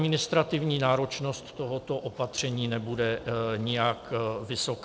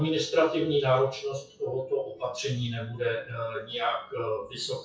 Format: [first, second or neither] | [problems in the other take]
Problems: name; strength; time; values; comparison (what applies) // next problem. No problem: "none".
first | noise reduction (classical method WPE with log-MMSE)